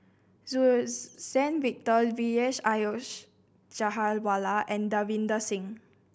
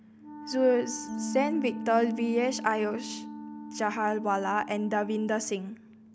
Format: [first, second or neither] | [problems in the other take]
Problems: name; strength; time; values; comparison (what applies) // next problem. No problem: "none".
first | background sound (Wind instrument, woodwind instrument + Bass guitar); 10 dB below the speech